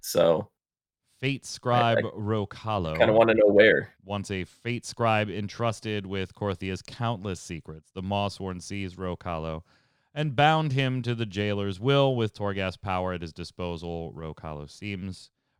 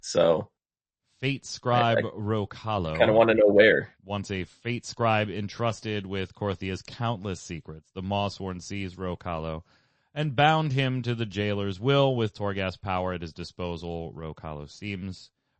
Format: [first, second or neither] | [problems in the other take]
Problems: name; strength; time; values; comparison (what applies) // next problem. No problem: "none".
first | garbled, watery; slightly; nothing above 8 kHz